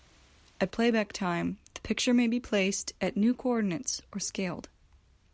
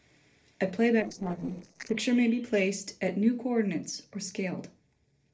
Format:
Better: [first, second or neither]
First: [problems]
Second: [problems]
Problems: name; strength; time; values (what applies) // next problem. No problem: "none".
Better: first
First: none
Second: noise reduction (neural separator model SepFormer DNS4)